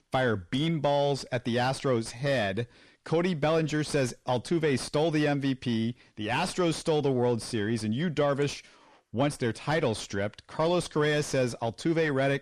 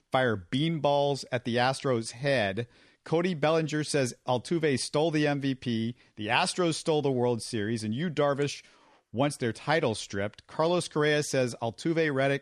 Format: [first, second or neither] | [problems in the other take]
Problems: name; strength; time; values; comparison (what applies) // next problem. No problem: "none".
second | distortion; slight; 10 dB below the speech